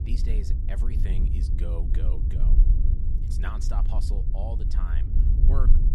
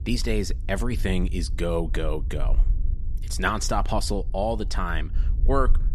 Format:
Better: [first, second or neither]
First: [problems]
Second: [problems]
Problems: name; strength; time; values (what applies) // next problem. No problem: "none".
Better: second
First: low rumble; loud; throughout; 3 dB below the speech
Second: low rumble; faint; throughout; 20 dB below the speech